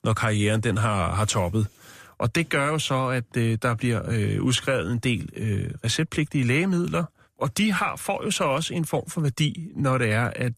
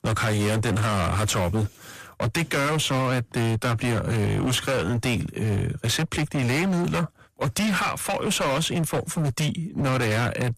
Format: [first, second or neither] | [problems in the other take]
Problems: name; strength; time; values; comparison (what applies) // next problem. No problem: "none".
first | distortion; heavy; 33% of the sound clipped